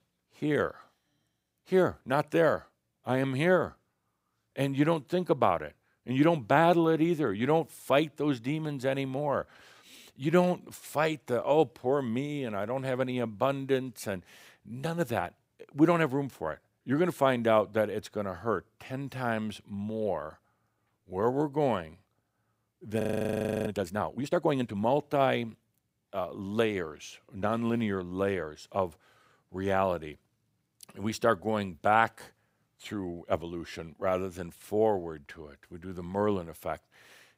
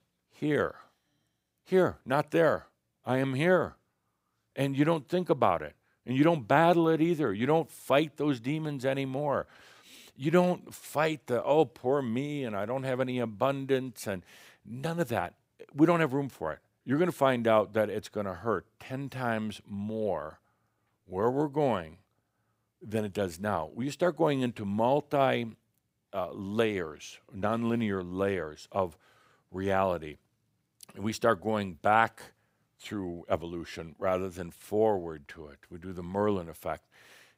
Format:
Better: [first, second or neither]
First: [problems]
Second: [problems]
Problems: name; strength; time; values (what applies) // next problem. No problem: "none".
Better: second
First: audio freezing; at 23 s for 0.5 s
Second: none